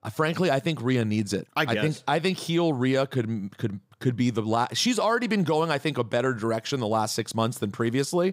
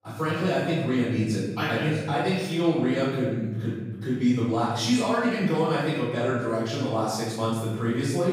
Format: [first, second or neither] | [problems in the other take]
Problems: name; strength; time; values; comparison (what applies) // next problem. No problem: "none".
first | off-mic speech; far // room echo; strong; dies away in 1.1 s